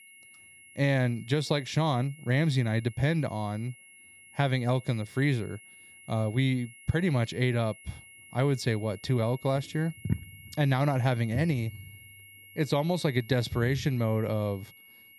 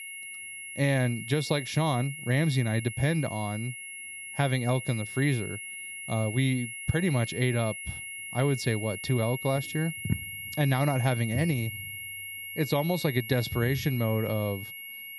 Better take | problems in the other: first | high-pitched whine; loud; throughout; 2 kHz, 9 dB below the speech; faint in the first

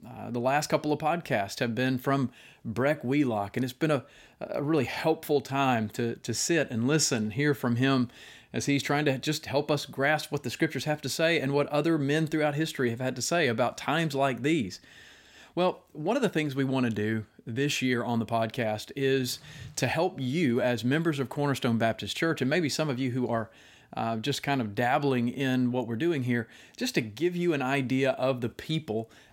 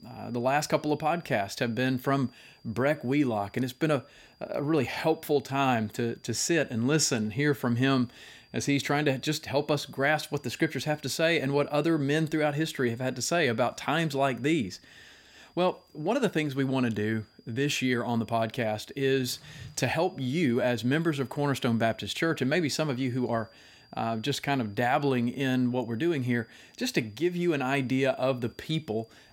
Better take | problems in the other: first | high-pitched whine; faint; throughout; 5 kHz, 30 dB below the speech

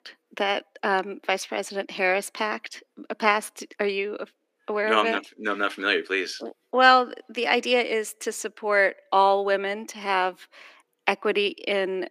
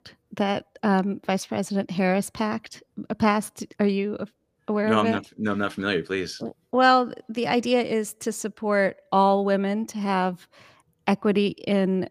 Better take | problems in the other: second | thin; somewhat; fading below 300 Hz

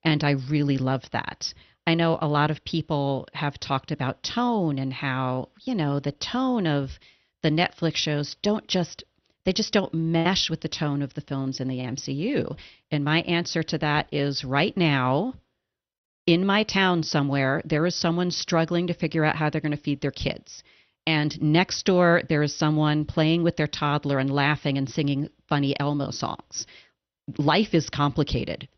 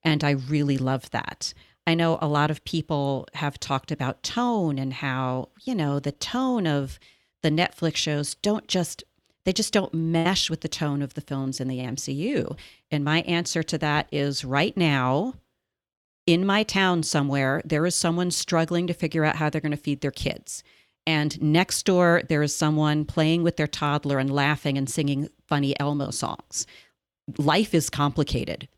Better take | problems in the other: second | garbled, watery; slightly; nothing above 6 kHz

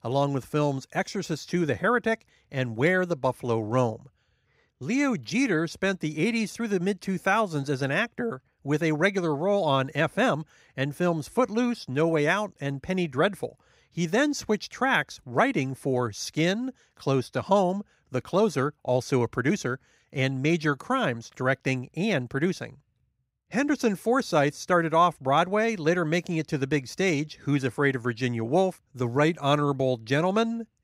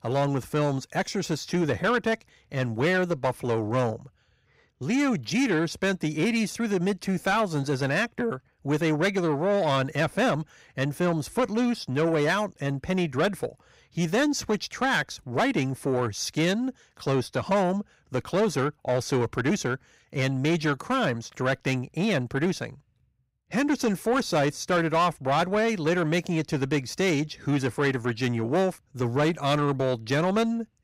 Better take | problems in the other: first | distortion; slight; 10 dB below the speech

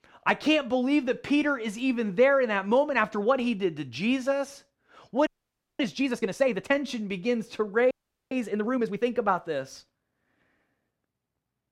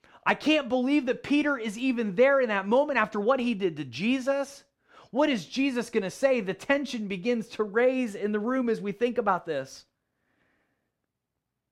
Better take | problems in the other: second | audio freezing; at 5.5 s for 0.5 s and at 8 s

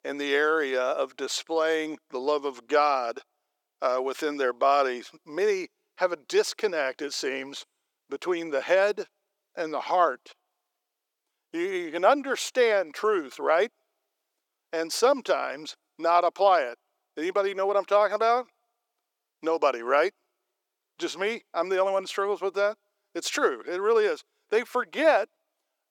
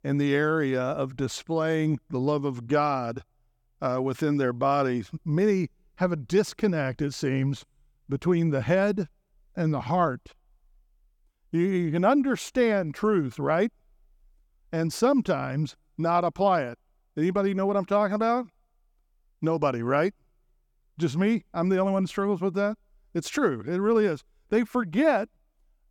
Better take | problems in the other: second | thin; very; fading below 400 Hz

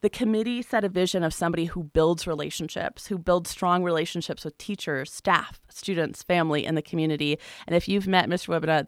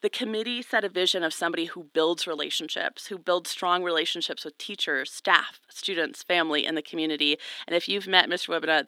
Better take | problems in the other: first | thin; somewhat; fading below 300 Hz

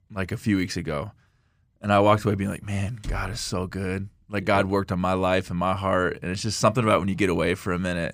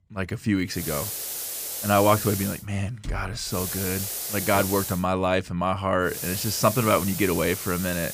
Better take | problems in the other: first | hiss; loud; from 1 to 2.5 s, from 3.5 to 5 s and from 6 s on; 5 dB below the speech

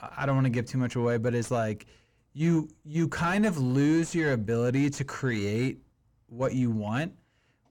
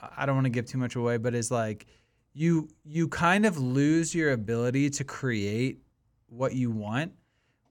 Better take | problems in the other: second | distortion; slight; 10 dB below the speech

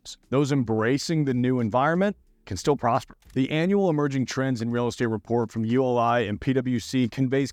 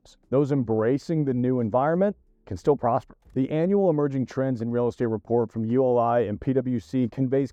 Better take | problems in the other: first | muffled; very; fading above 1.5 kHz

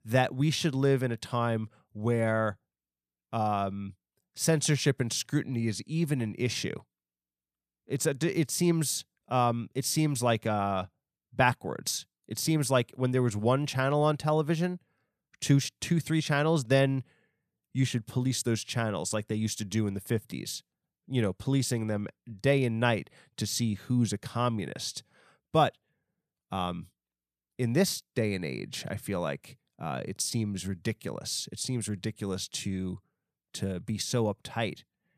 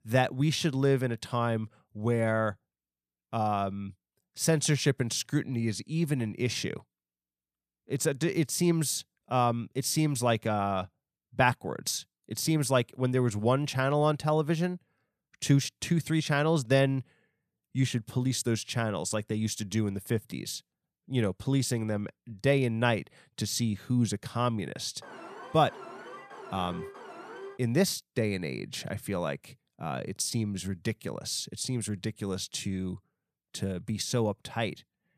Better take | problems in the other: first | alarm; faint; from 25 to 28 s; peak 15 dB below the speech

